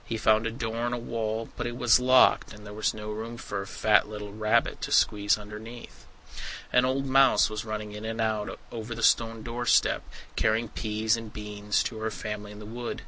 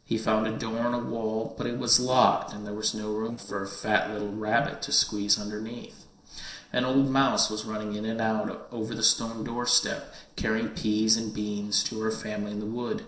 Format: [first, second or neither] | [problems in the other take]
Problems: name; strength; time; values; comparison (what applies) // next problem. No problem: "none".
first | noise reduction (neural separator model SepFormer DNS4)